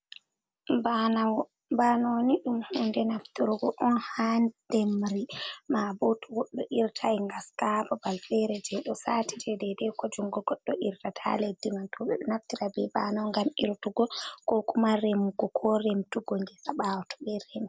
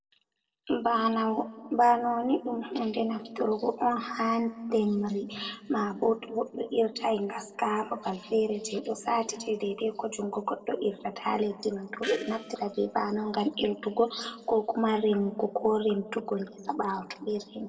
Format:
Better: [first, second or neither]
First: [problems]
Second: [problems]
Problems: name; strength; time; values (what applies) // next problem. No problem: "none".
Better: first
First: none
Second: noise reduction (neural separator model SepFormer DNS4)